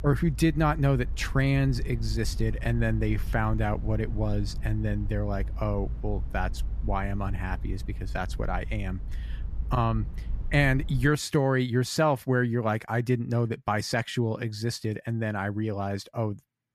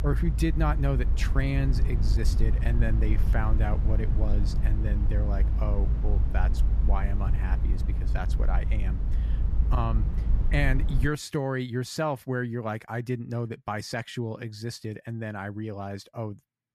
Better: first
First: low rumble; faint; until 11 s; 20 dB below the speech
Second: low rumble; loud; until 11 s; 10 dB below the speech

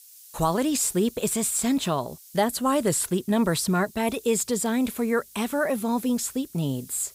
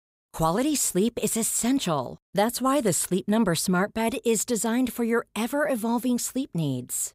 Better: second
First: hiss; faint; throughout; 20 dB below the speech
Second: none

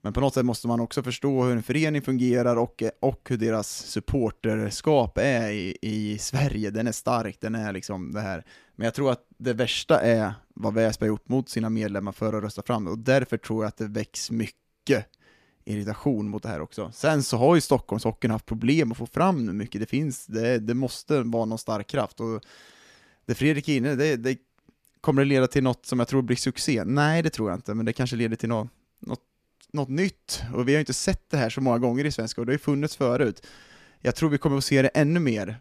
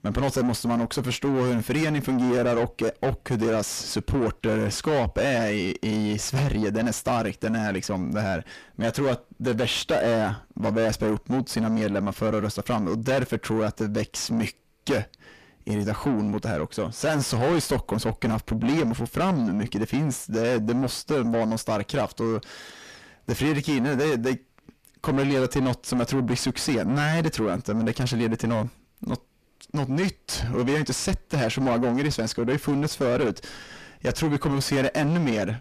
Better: first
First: none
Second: distortion; heavy; 5 dB below the speech

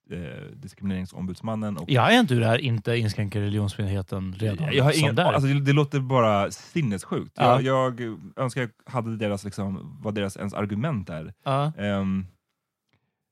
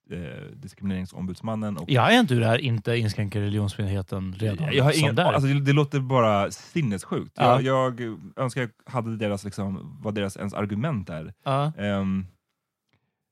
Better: neither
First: none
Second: none

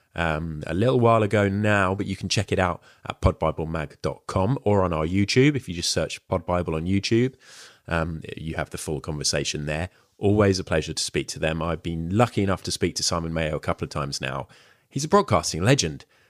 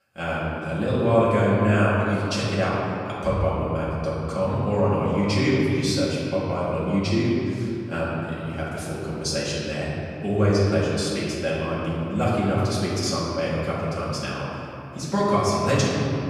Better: first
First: none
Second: off-mic speech; far // room echo; strong; dies away in 2.8 s

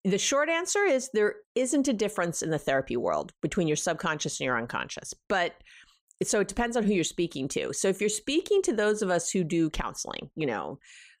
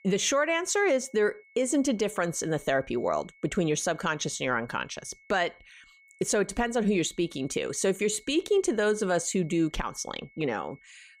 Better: first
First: none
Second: high-pitched whine; faint; throughout; 2 kHz, 30 dB below the speech

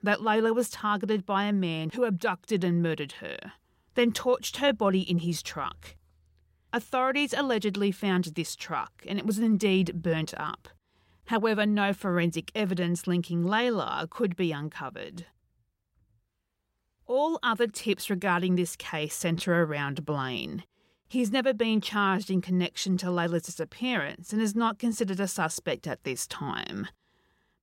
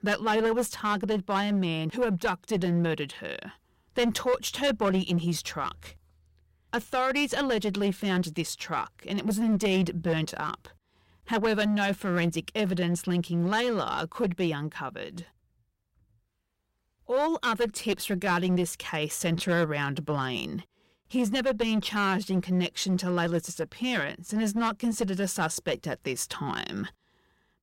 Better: first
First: none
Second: distortion; slight; 7% of the sound clipped

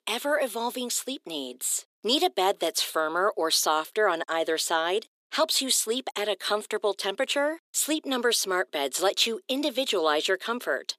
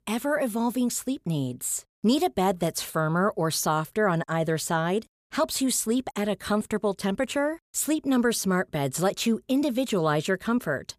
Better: second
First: thin; somewhat; fading below 300 Hz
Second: none

